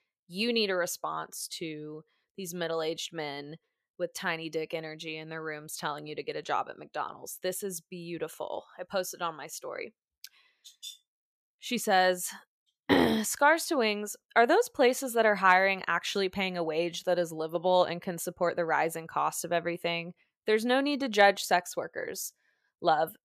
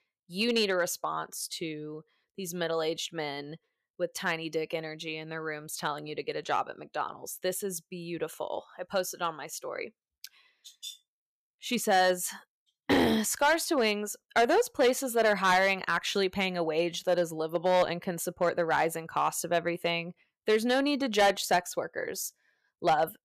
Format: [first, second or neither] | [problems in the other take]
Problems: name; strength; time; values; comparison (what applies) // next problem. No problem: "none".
first | distortion; slight; 2% of the sound clipped